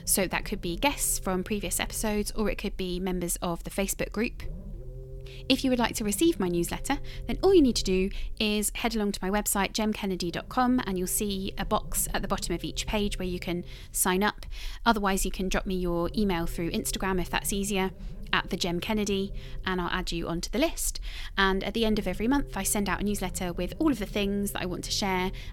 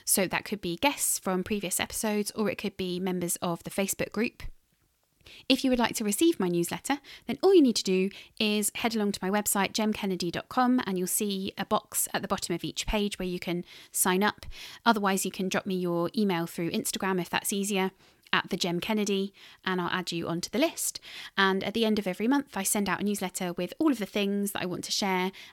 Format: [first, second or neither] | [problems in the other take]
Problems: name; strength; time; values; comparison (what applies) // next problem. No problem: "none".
second | low rumble; faint; throughout; 25 dB below the speech